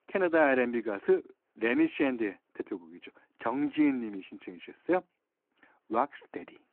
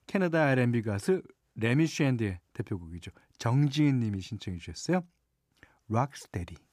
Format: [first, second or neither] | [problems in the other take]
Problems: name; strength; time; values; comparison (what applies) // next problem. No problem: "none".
second | phone-call audio